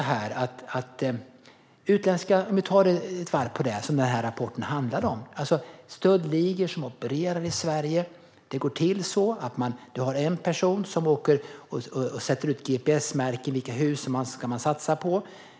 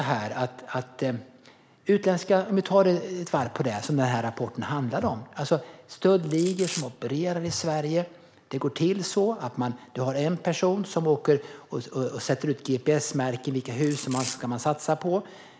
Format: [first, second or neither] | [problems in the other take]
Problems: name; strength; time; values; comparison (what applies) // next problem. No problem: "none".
first | background sound (Domestic sounds, home sounds); 13 dB below the speech